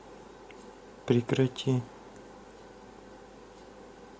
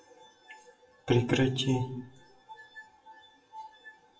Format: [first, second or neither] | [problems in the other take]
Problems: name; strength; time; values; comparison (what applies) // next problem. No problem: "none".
first | noise reduction (classical method WPE with log-MMSE)